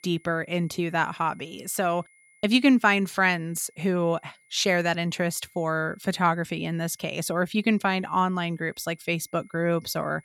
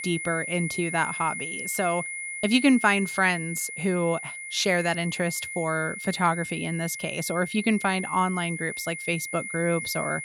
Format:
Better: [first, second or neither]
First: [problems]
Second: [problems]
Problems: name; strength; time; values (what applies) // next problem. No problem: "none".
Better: first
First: high-pitched whine; faint; throughout; 2 kHz, 30 dB below the speech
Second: high-pitched whine; loud; throughout; 2 kHz, 7 dB below the speech